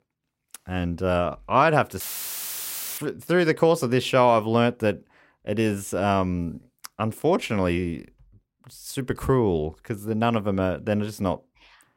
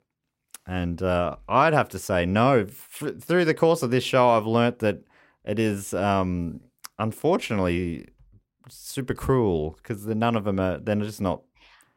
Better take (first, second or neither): second